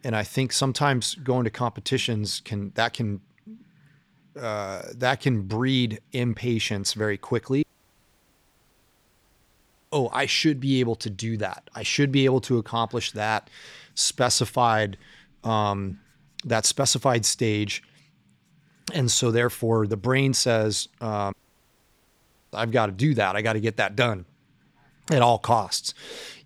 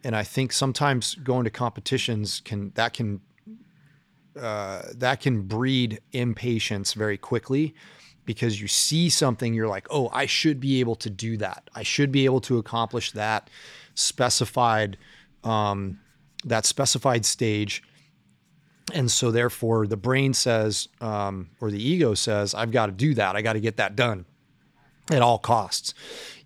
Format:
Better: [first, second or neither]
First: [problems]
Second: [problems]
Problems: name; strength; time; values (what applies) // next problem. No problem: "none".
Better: second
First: audio cutting out; at 7.5 s for 2.5 s and at 21 s for 1 s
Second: none